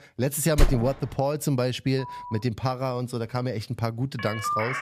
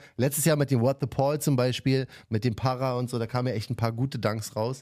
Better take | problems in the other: second | door banging; noticeable; at 0.5 s; peak level with the speech // phone ringing; faint; at 2 s; peak 10 dB below the speech // phone ringing; noticeable; at 4 s; peak level with the speech

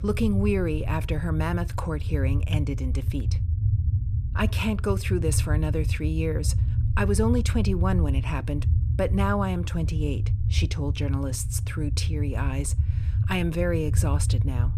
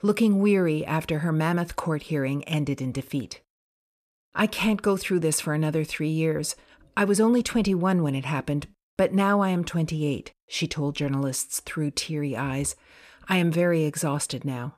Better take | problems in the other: second | low rumble; noticeable; throughout; 10 dB below the speech

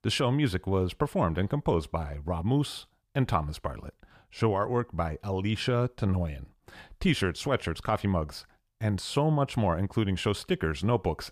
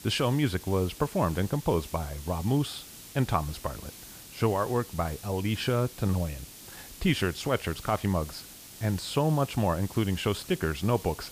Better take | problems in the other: first | hiss; noticeable; throughout; 15 dB below the speech

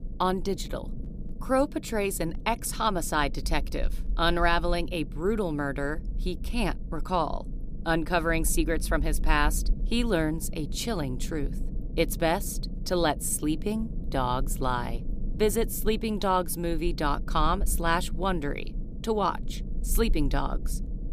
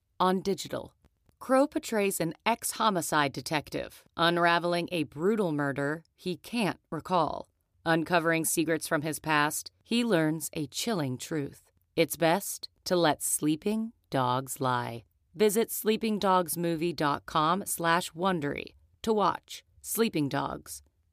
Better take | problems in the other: second | low rumble; faint; throughout; 20 dB below the speech

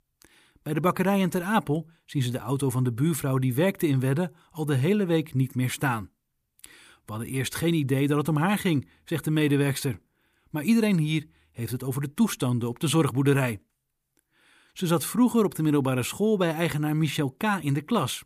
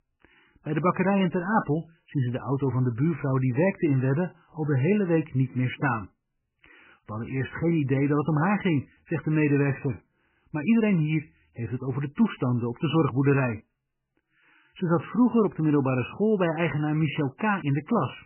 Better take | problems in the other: first | garbled, watery; badly; nothing above 3 kHz

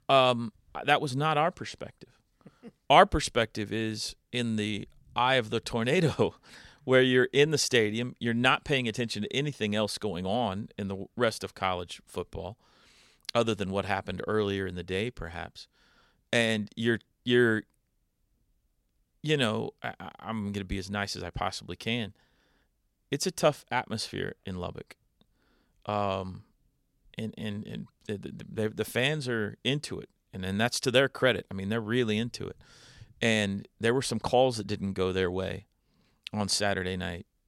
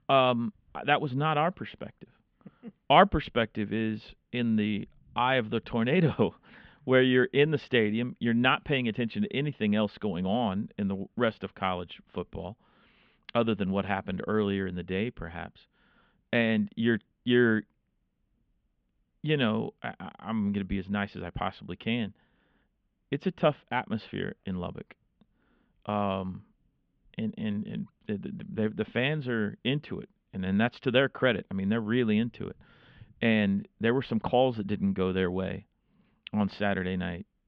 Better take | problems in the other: first | muffled; very; fading above 3 kHz

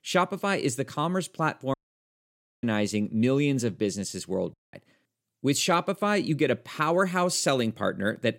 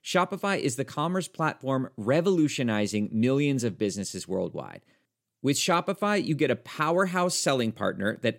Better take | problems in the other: second | audio cutting out; at 1.5 s for 1 s and at 4.5 s

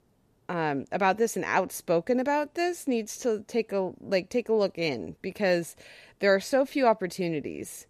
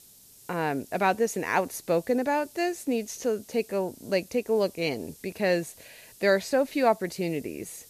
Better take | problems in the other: first | hiss; faint; throughout; 20 dB below the speech

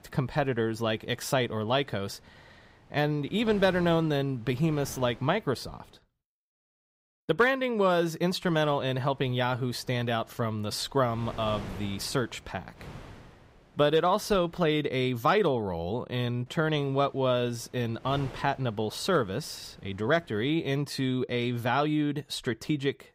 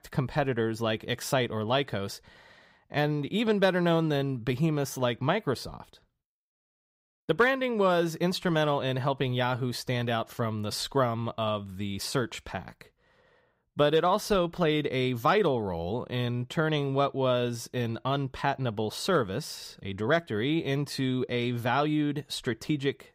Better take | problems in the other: second | wind noise on the microphone; occasional gusts; until 6 s, from 8.5 to 15 s and from 16 to 21 s; 25 dB below the speech

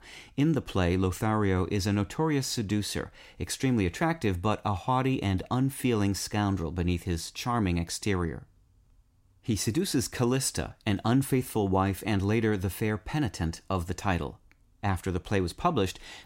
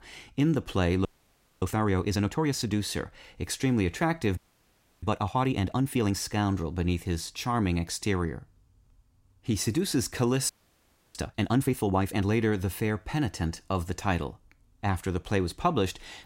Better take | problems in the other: first | audio freezing; at 1 s for 0.5 s, at 4.5 s for 0.5 s and at 10 s for 0.5 s

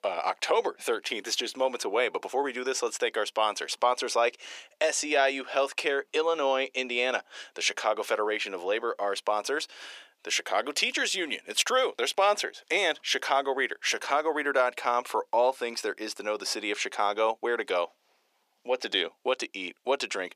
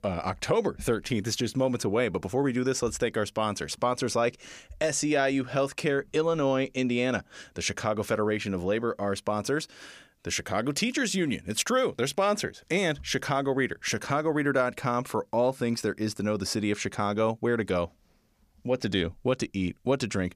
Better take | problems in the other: second | thin; very; fading below 350 Hz

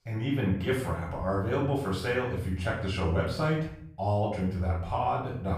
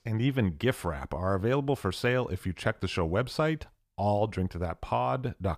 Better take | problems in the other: second | off-mic speech; far // room echo; noticeable; dies away in 0.6 s

